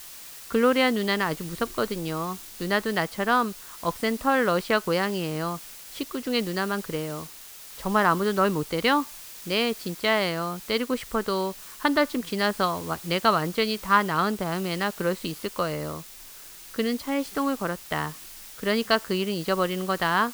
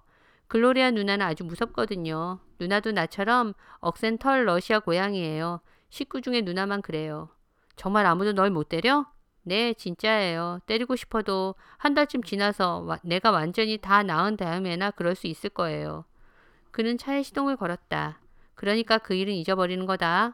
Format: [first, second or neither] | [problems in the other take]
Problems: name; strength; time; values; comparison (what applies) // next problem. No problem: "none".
second | hiss; noticeable; throughout; 15 dB below the speech